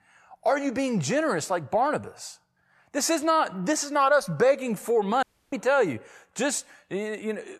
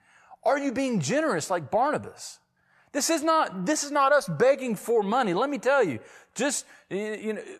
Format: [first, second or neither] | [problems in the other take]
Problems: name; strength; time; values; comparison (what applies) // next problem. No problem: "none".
second | audio cutting out; at 5 s